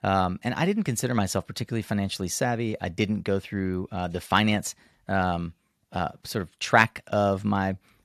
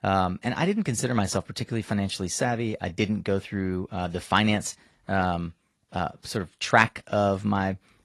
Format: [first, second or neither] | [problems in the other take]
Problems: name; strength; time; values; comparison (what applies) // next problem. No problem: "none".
first | garbled, watery; slightly